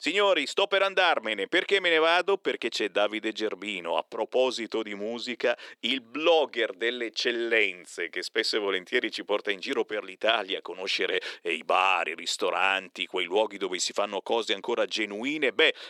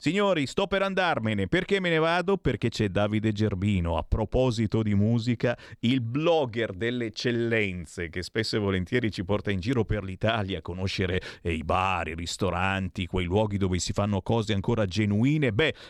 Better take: second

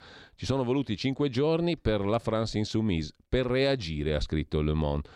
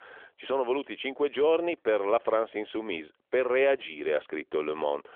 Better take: first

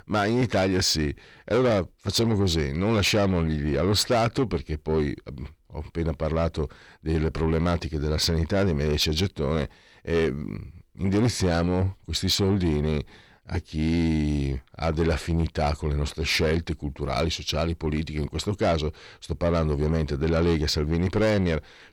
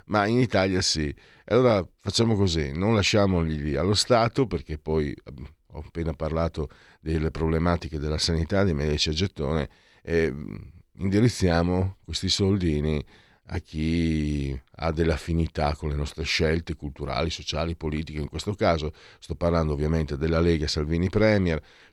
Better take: second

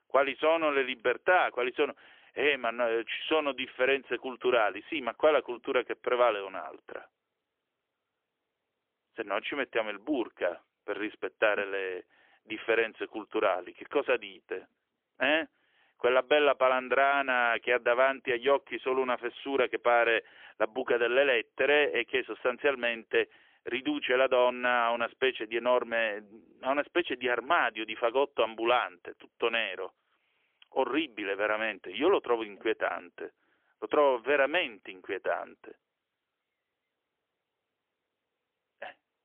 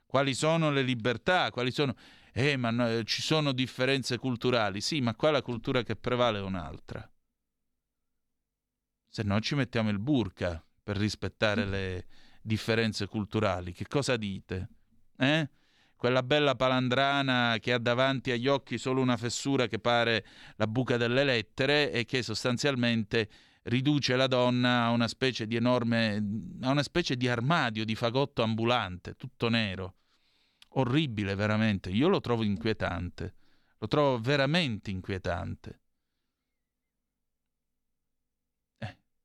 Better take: second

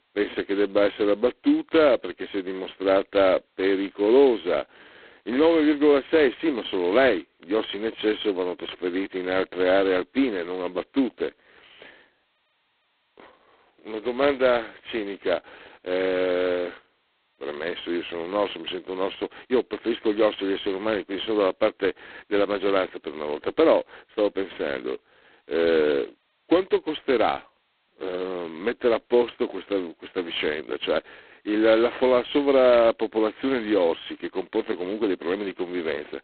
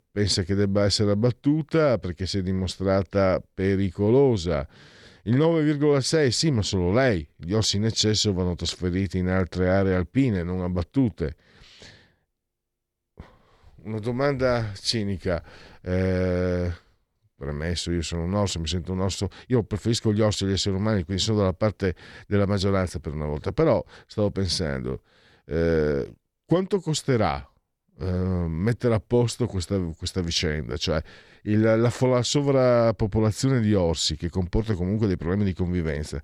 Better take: second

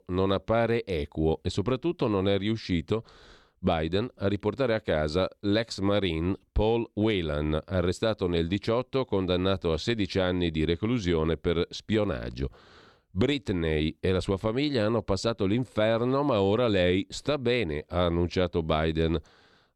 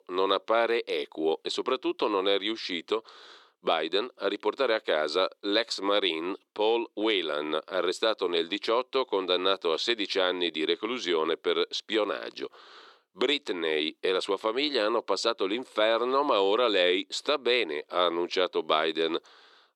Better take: first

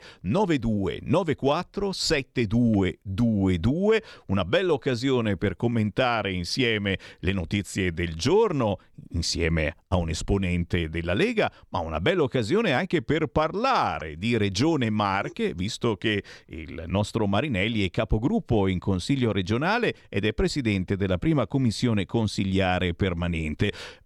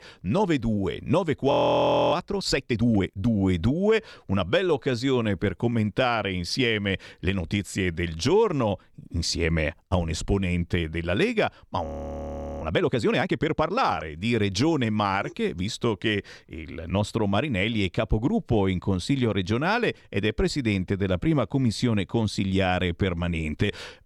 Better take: first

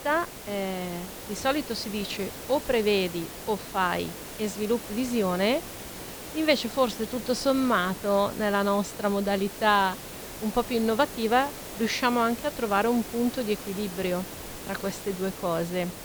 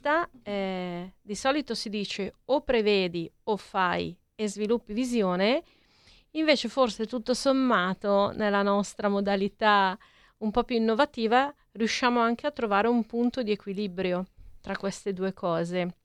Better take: second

